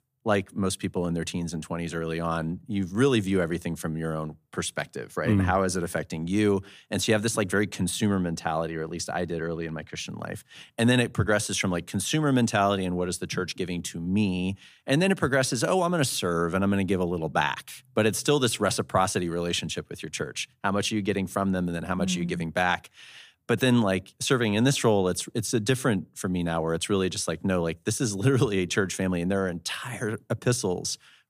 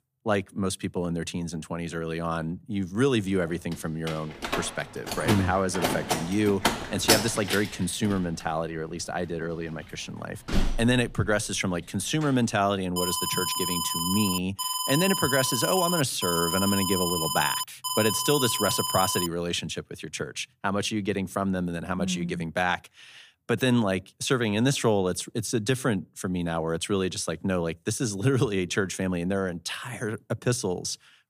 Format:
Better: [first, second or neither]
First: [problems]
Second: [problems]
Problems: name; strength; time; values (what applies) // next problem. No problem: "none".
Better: first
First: none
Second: door banging; loud; from 4 to 11 s; peak 5 dB above the speech // alarm; loud; from 13 to 19 s; peak 1 dB above the speech